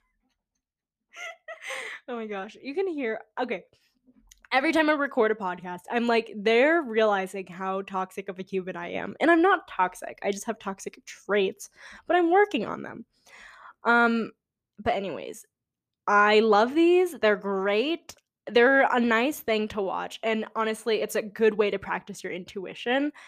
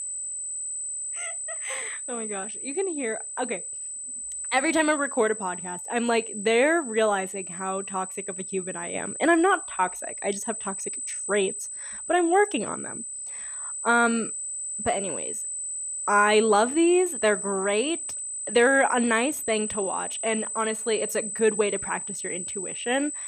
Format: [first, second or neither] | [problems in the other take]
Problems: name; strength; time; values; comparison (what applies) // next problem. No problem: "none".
first | high-pitched whine; loud; throughout; 8 kHz, 5 dB below the speech